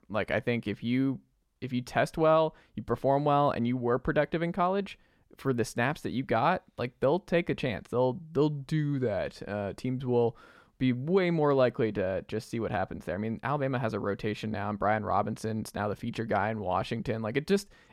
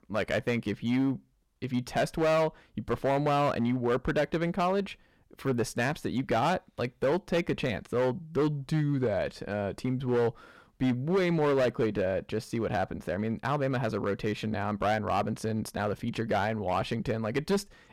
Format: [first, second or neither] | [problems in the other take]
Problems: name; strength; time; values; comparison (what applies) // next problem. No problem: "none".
first | distortion; slight; 7% of the sound clipped